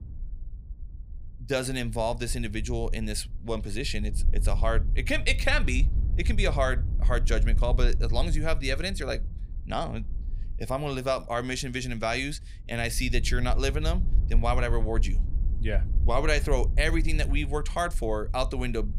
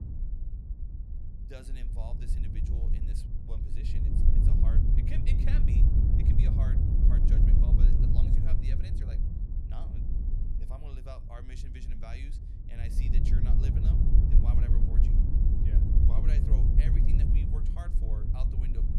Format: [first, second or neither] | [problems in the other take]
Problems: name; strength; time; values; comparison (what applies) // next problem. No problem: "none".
first | wind noise on the microphone; heavy; 5 dB above the speech; occasional gusts in the first